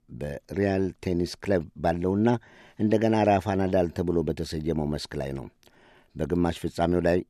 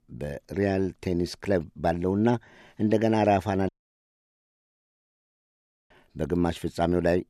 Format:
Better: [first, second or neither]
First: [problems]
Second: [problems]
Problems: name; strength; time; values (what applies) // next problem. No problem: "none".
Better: first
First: none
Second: audio cutting out; at 3.5 s for 2 s